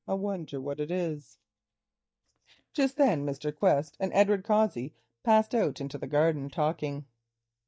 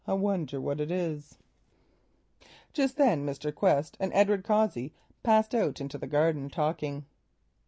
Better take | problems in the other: second | noise reduction (neural mask model DeepFilterNet 3)

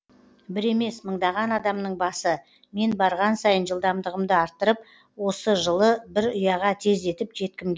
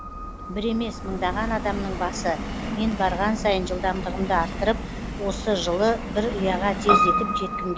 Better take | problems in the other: first | background sound (Piano + Subway, metro, underground); 2 dB below the speech

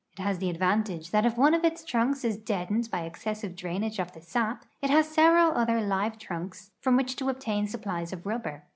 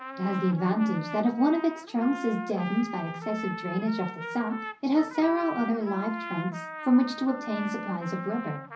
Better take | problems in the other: first | background sound (Trumpet); 10 dB below the speech // room echo; dies away in 0.5 s

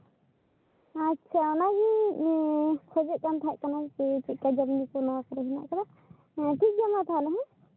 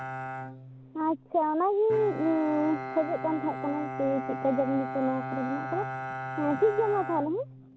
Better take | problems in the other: first | background sound (Bowed string instrument); 8 dB below the speech

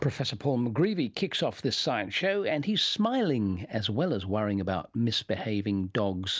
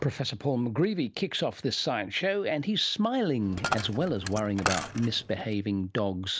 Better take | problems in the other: first | background sound (Coin (dropping)); 6 dB below the speech

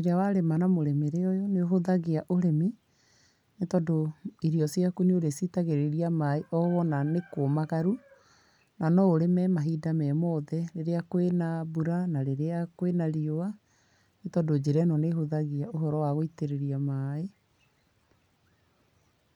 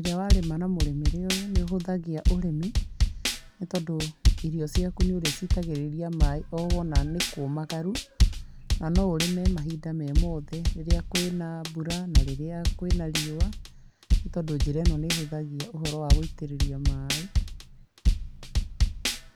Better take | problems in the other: first | background sound (Drum / Drum kit); 4 dB above the speech

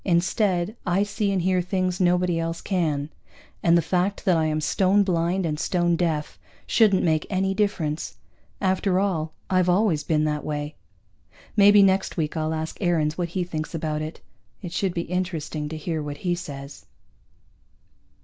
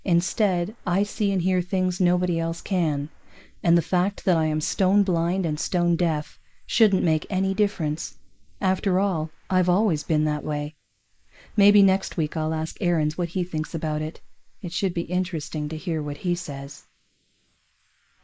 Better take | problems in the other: first | noise reduction (neural mask model Resemble Enhance denoiser)

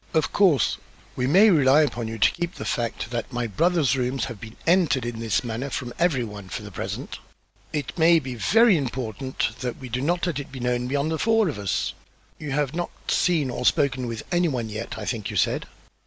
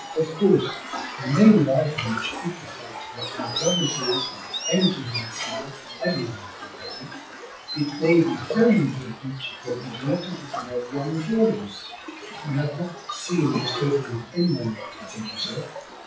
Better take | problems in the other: first | noise reduction (classical method WPE with log-MMSE)

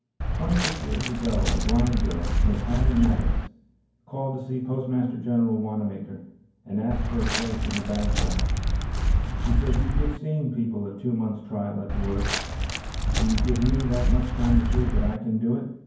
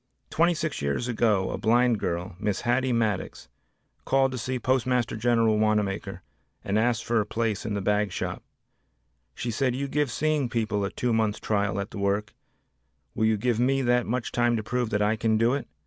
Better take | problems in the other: second | background sound (Walk, footsteps); 4 dB above the speech // room echo; dies away in 0.9 s

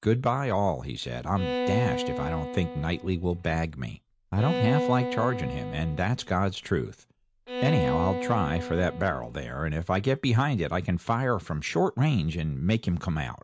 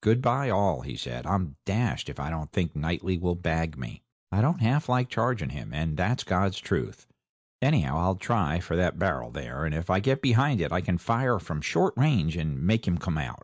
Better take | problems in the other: second | background sound (Bowed string instrument); 6 dB below the speech

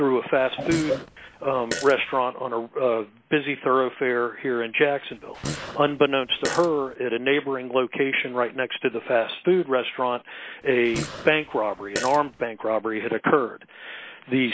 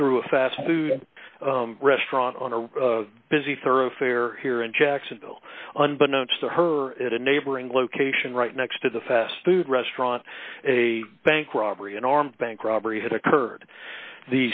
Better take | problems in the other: second | background sound (Fart); 11 dB below the speech

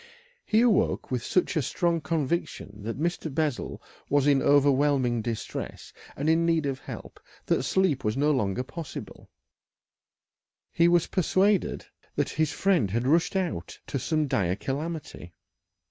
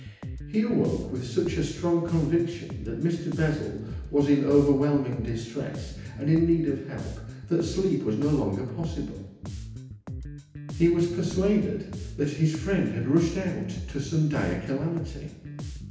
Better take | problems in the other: first | background sound (Bass guitar); 11 dB below the speech // room echo; dies away in 0.9 s

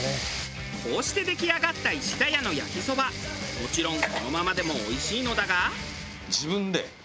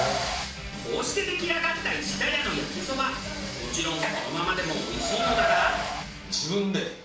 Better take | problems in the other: first | background sound (Car); 5 dB below the speech // room echo; dies away in 0.5 s

